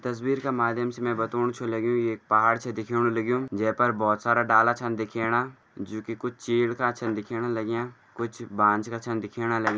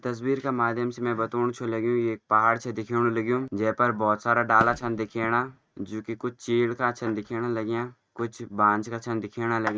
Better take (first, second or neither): first